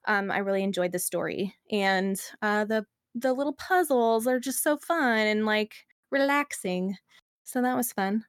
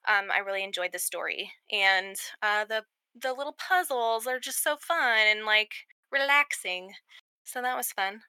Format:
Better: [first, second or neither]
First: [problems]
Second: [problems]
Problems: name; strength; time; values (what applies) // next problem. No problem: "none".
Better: first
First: none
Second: thin; very; fading below 800 Hz